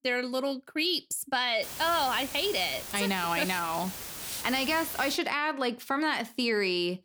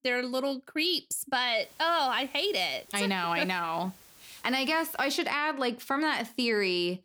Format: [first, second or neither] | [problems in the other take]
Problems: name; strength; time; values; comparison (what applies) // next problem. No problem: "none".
second | hiss; loud; from 1.5 to 5 s; 9 dB below the speech; faint in the second